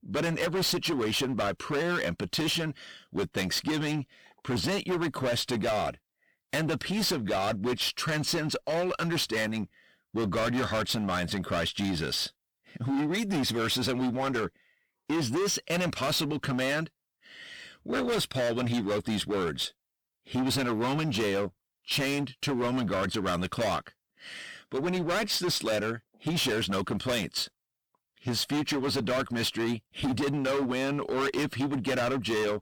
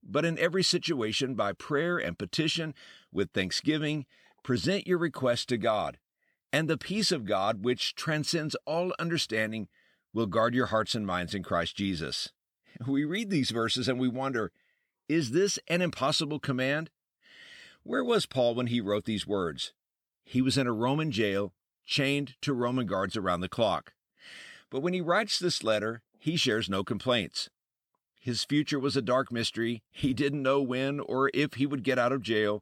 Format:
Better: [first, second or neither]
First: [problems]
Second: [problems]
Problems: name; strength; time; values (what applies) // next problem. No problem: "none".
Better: second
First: distortion; heavy; 23% of the sound clipped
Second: none